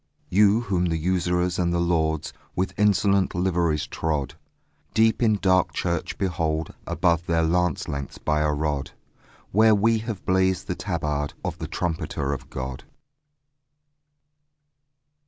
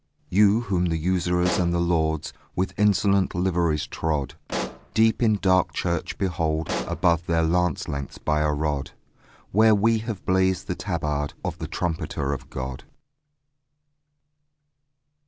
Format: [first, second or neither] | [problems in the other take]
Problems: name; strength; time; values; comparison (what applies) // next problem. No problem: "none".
first | background sound (Explosion); 10 dB below the speech